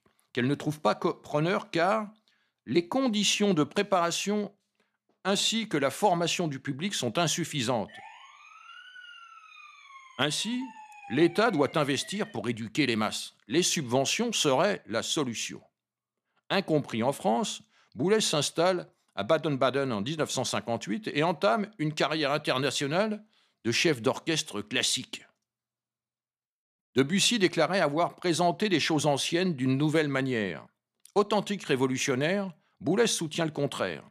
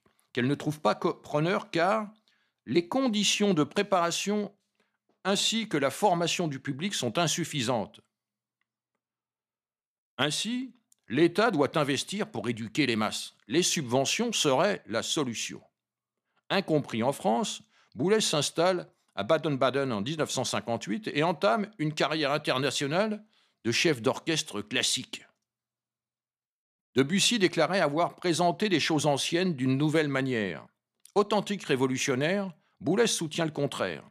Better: second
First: siren; faint; from 8 to 12 s; peak 20 dB below the speech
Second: none

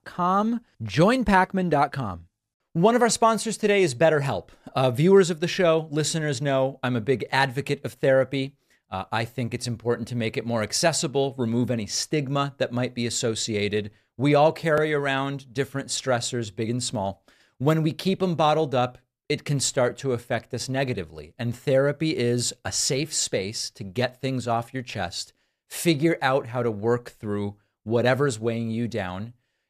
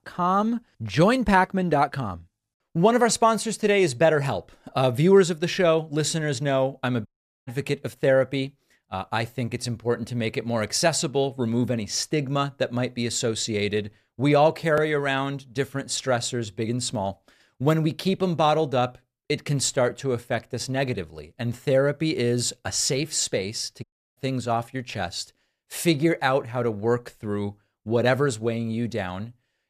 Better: first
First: none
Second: audio cutting out; at 7 s and at 24 s

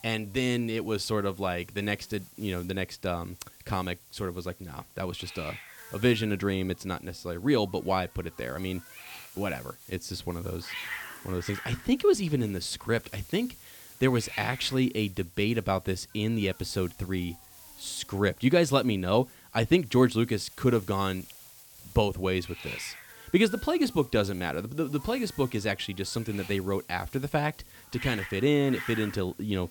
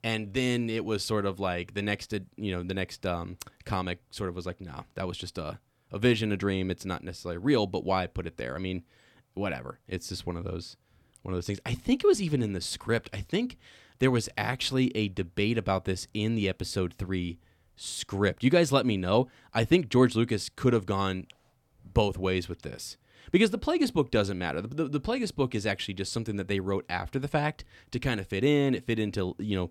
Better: second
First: hiss; noticeable; throughout; 15 dB below the speech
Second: none

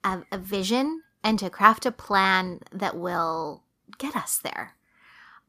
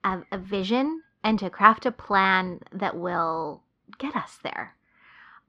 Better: first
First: none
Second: muffled; slightly; fading above 3.5 kHz

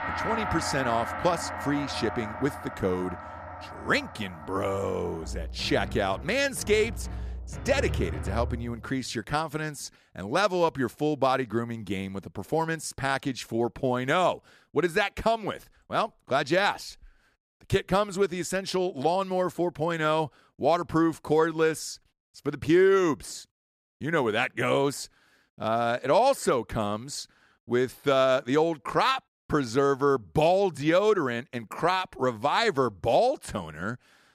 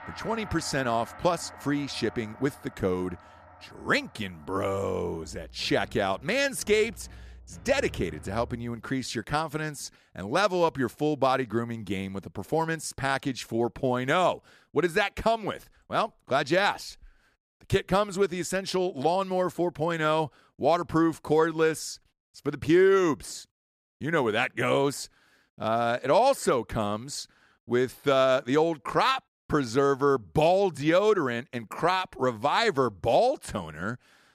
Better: second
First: background music; loud; until 9.5 s; 9 dB below the speech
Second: background music; faint; until 9.5 s; 20 dB below the speech

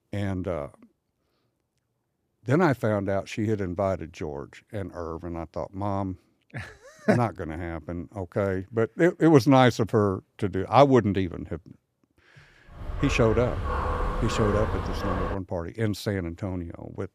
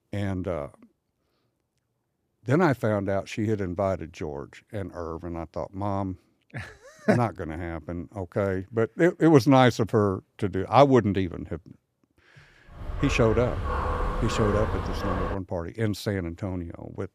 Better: neither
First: dog barking; noticeable; from 13 to 15 s; peak 3 dB below the speech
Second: dog barking; noticeable; from 13 to 15 s; peak 3 dB below the speech

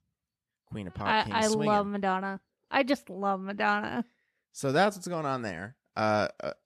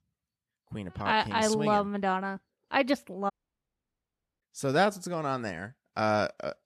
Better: first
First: none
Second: audio cutting out; at 3.5 s for 1 s

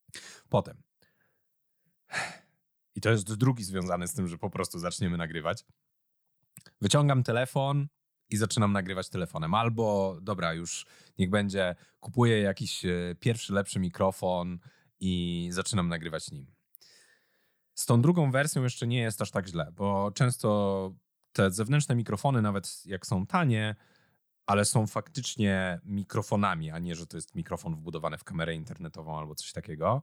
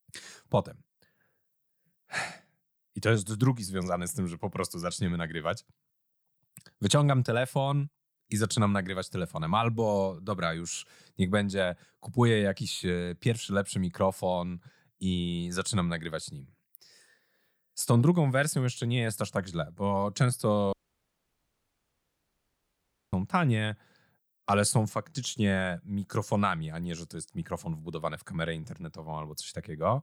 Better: first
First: none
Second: audio cutting out; at 21 s for 2.5 s

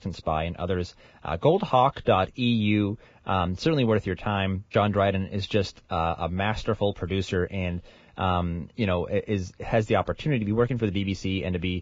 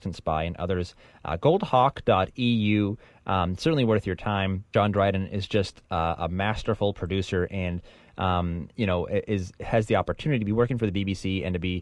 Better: second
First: garbled, watery; badly; nothing above 7.5 kHz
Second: garbled, watery; slightly; nothing above 10.5 kHz

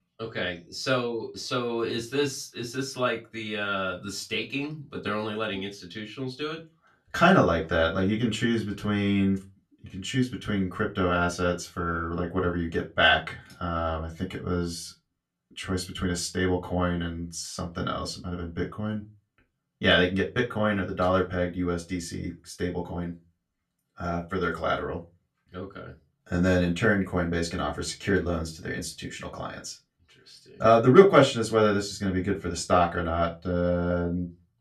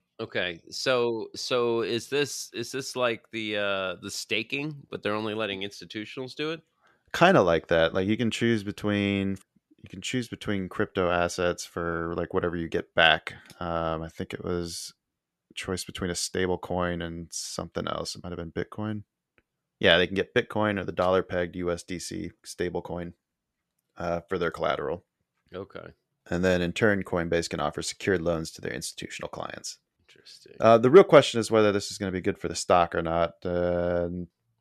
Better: second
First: off-mic speech; far // room echo; very slight; dies away in 0.2 s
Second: none

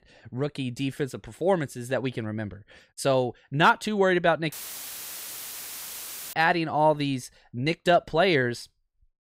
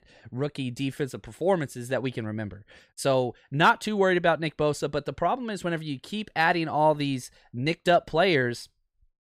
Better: second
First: audio cutting out; filled with static; at 4.5 s for 2 s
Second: none

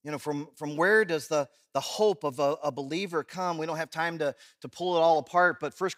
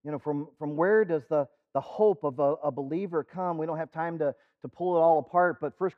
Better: first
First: none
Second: muffled; very; fading above 2.5 kHz

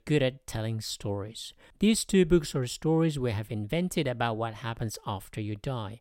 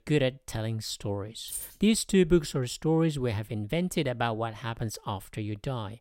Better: first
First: none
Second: jangling keys; noticeable; at 1.5 s; peak 8 dB below the speech

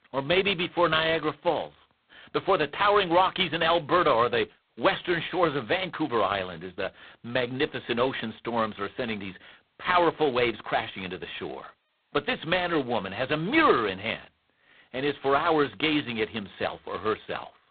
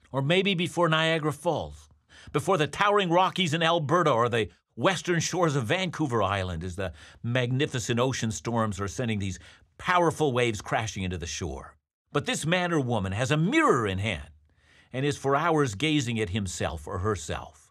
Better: second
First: phone-call audio; poor line; nothing above 4 kHz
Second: none

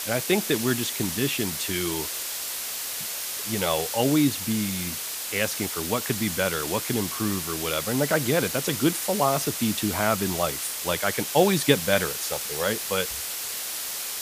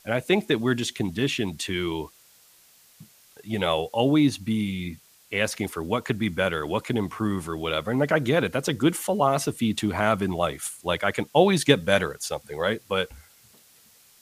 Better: second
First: hiss; loud; throughout; 3 dB below the speech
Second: hiss; faint; throughout; 30 dB below the speech

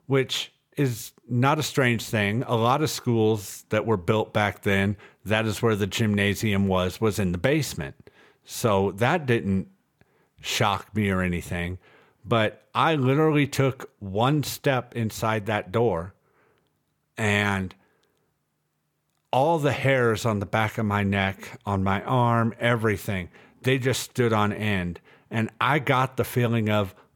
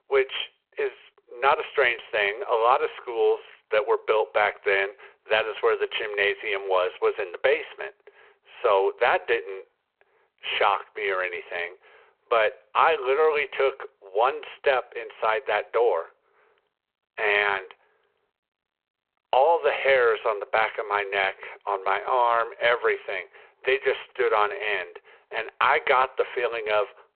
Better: first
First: none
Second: phone-call audio

